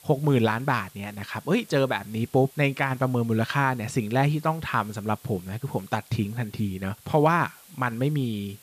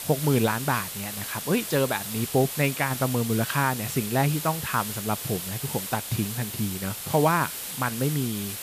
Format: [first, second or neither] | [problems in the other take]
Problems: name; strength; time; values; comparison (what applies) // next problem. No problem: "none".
first | hiss; loud; throughout; 5 dB below the speech; faint in the first